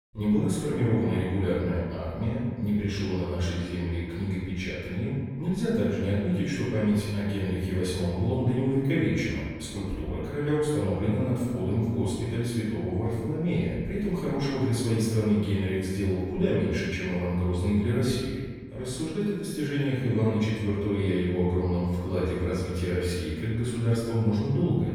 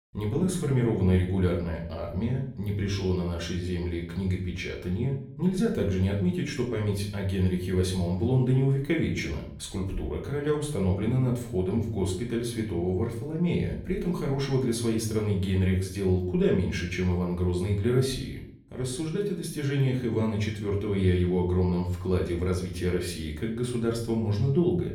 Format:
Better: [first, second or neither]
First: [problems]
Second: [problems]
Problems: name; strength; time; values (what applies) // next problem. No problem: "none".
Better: second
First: room echo; strong; dies away in 1.4 s // off-mic speech; far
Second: room echo; slight; dies away in 0.5 s // off-mic speech; far